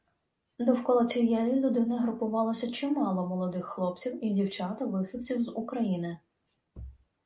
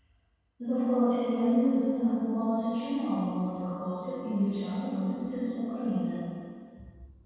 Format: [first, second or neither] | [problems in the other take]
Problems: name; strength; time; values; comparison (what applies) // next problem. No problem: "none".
first | room echo; dies away in 2.1 s